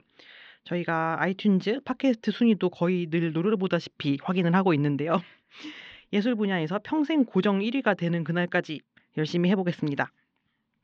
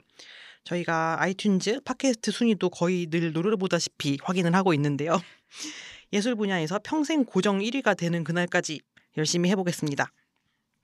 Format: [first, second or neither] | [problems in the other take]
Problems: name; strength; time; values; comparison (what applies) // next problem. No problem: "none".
second | muffled; slightly; fading above 3.5 kHz